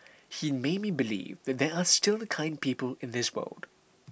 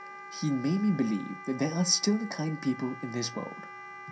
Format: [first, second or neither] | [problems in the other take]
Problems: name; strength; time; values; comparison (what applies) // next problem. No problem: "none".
first | background sound (Wind instrument, woodwind instrument); 14 dB below the speech // room echo; dies away in 0.3 s